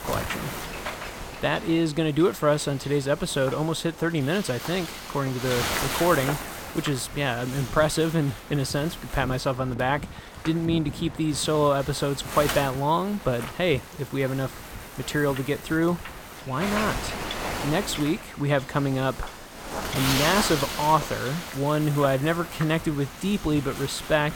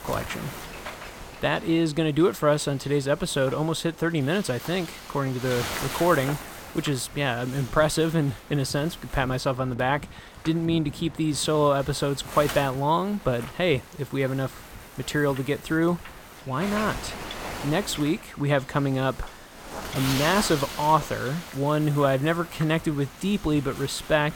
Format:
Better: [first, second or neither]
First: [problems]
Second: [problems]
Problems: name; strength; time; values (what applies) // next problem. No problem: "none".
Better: second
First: wind noise on the microphone; heavy; 7 dB below the speech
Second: wind noise on the microphone; occasional gusts; 10 dB below the speech